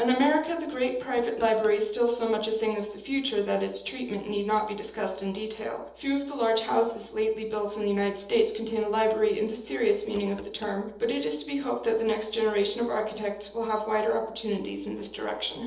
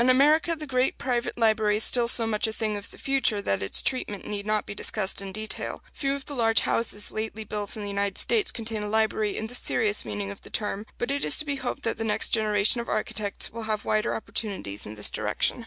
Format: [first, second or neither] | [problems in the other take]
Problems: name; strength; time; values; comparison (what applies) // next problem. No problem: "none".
second | noise reduction (neural separator model SepFormer DNS4)